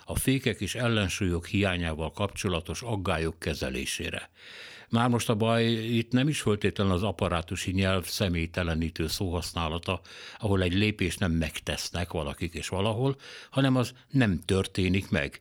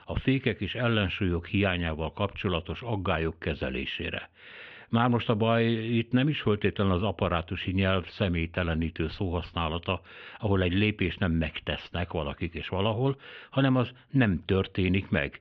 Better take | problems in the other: first | muffled; very; fading above 3 kHz

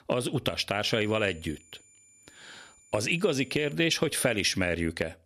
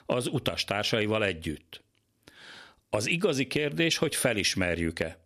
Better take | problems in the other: second | high-pitched whine; faint; from 1 to 3.5 s; 7 kHz, 30 dB below the speech

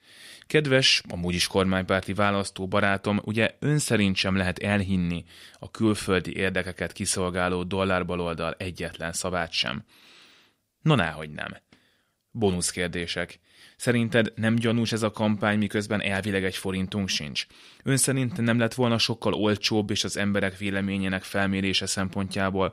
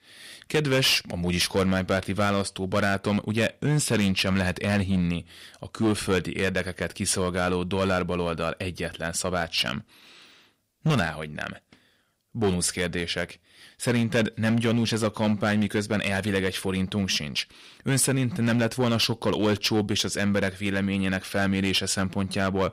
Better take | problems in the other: first | distortion; slight; 6% of the sound clipped

